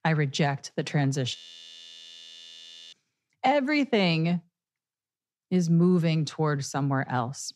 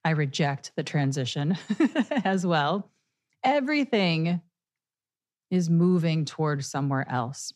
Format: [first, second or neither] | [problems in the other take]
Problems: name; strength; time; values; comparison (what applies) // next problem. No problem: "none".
second | audio freezing; at 1.5 s for 1.5 s